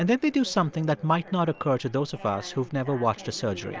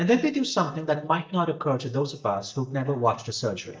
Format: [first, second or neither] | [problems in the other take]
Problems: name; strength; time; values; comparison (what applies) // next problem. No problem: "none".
first | noise reduction (neural mask model DeepFilterNet 3)